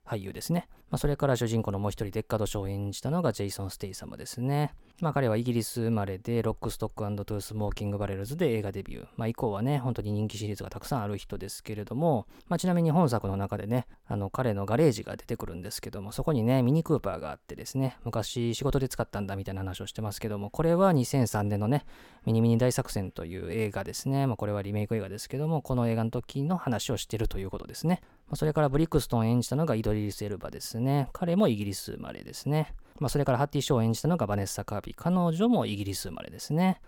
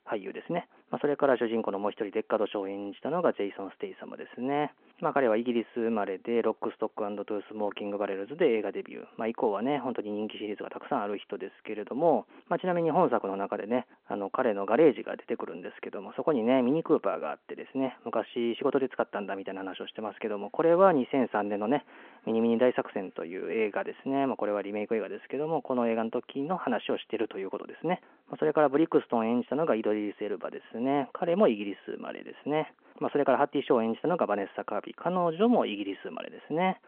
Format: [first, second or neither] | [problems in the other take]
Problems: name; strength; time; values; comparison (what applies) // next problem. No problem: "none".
first | phone-call audio